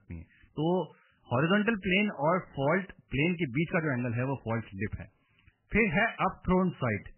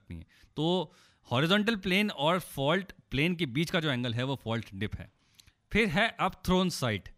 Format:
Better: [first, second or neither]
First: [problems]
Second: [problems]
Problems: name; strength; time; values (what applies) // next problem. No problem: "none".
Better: second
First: garbled, watery; badly; nothing above 3 kHz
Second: none